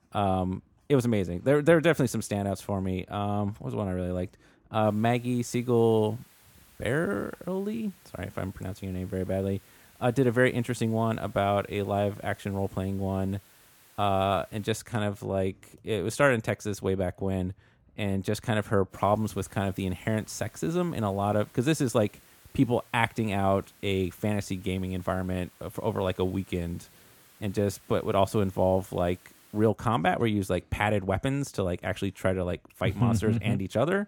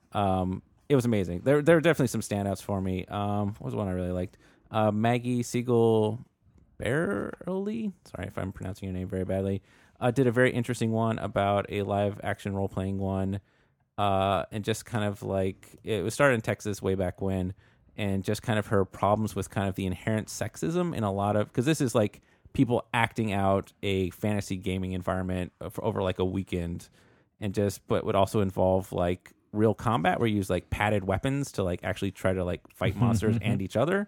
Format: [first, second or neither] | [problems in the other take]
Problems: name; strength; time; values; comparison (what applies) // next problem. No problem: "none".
second | hiss; faint; from 5 to 15 s and from 19 to 30 s; 25 dB below the speech